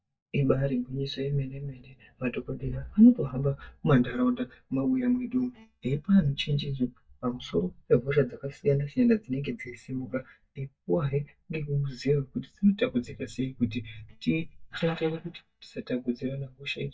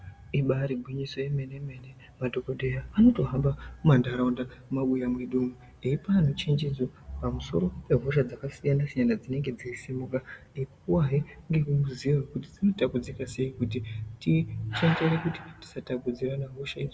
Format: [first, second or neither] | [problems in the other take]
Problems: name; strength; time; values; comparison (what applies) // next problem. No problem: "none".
second | noise reduction (neural mask model DeepFilterNet 3)